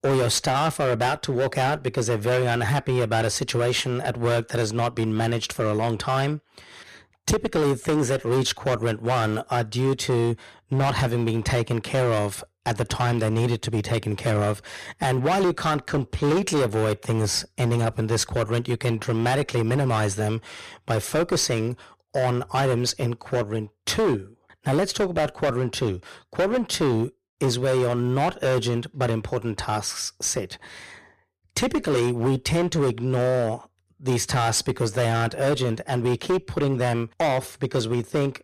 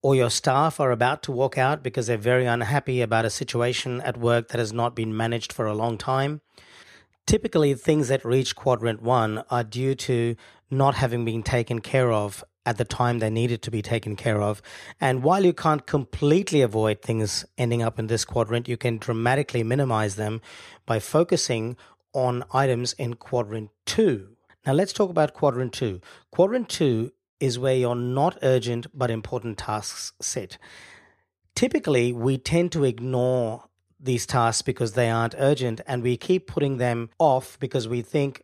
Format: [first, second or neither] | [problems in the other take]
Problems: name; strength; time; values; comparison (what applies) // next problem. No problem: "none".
second | distortion; heavy; 14% of the sound clipped